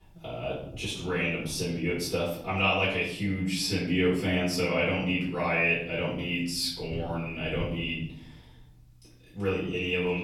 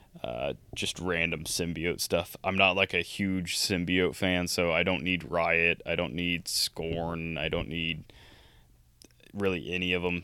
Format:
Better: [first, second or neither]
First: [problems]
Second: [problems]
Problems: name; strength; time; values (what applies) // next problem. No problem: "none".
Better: second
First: off-mic speech; far // room echo; noticeable; dies away in 0.7 s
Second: none